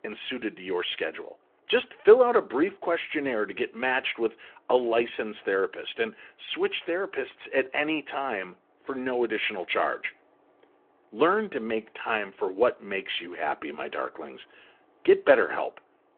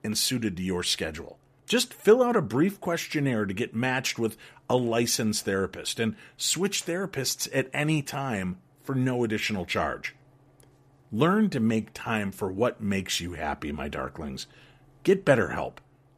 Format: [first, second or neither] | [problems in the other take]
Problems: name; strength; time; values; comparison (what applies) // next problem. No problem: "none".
second | phone-call audio; nothing above 3.5 kHz